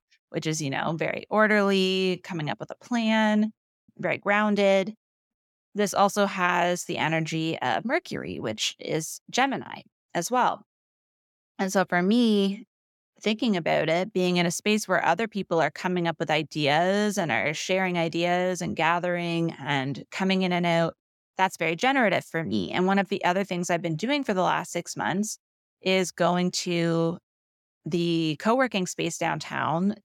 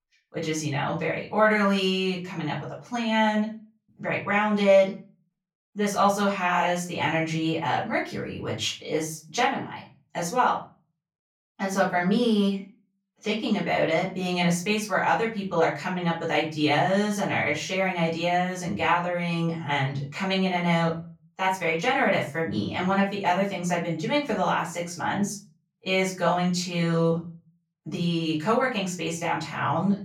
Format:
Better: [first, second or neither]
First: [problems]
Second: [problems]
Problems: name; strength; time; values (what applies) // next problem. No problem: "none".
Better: first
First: none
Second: off-mic speech; far // room echo; slight; dies away in 0.3 s